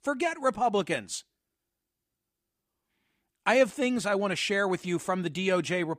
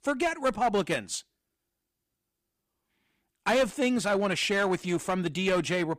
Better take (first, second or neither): first